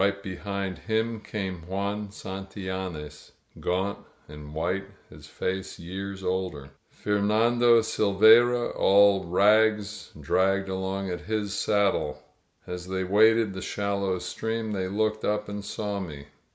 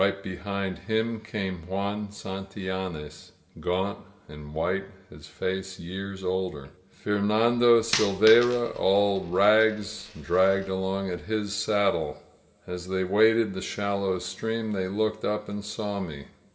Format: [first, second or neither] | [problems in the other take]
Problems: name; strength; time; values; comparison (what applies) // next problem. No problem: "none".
first | background sound (Coin (dropping)); 12 dB below the speech // room echo; dies away in 0.5 s